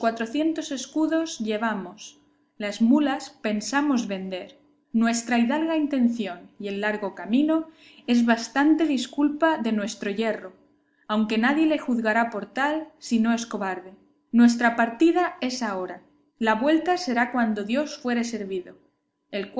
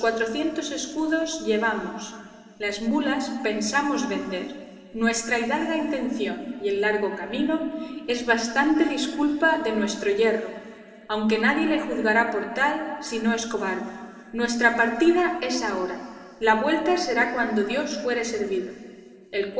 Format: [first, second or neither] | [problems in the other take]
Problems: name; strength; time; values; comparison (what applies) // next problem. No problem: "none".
first | room echo; dies away in 2.3 s